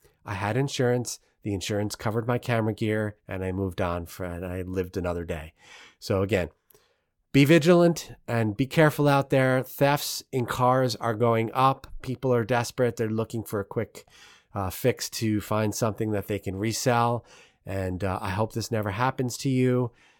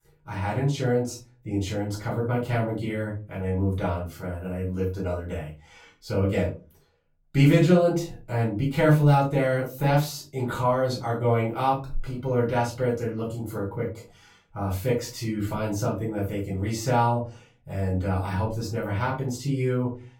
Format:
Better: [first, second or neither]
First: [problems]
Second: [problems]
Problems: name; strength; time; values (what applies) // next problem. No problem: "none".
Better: first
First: none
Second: off-mic speech; far // room echo; slight; dies away in 0.3 s